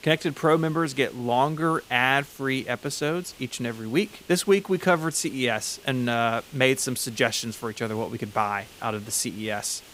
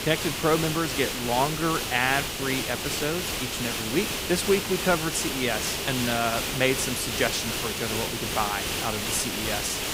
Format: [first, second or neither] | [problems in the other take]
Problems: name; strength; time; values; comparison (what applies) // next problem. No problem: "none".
first | hiss; loud; throughout; 1 dB below the speech; faint in the first